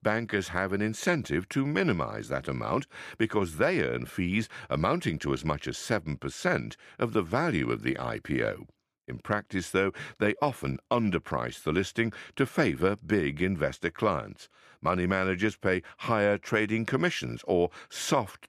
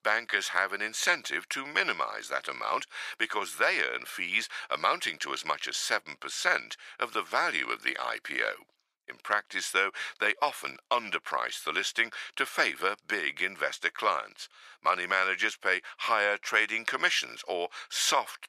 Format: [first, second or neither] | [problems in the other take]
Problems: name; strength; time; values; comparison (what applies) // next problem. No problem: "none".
first | thin; very; fading below 950 Hz